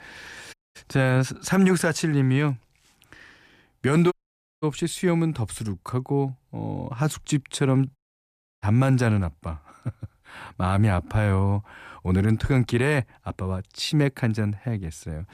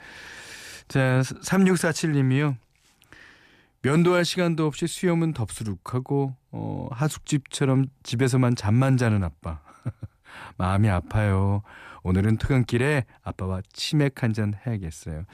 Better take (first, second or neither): second